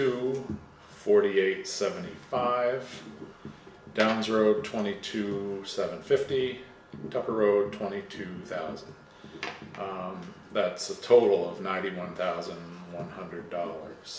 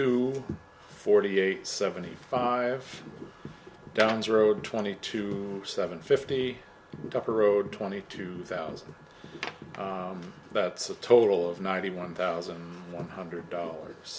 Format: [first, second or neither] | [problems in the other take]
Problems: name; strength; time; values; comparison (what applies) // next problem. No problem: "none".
second | room echo; dies away in 0.7 s